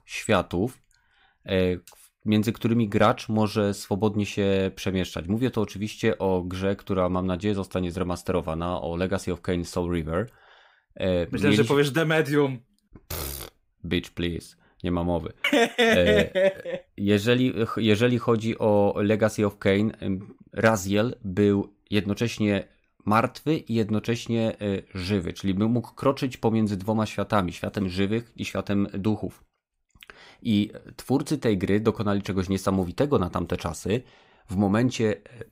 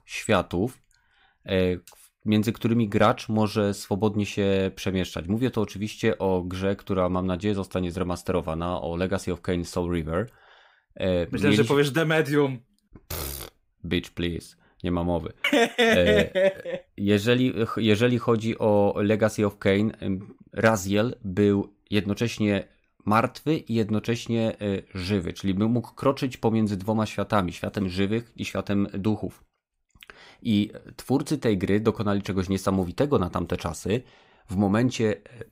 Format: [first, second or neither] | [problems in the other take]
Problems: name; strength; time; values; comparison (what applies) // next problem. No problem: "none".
neither | none